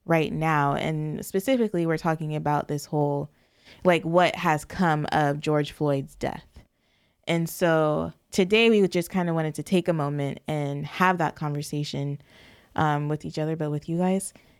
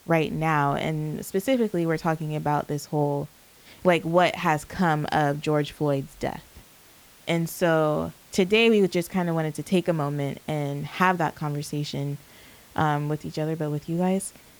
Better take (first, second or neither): first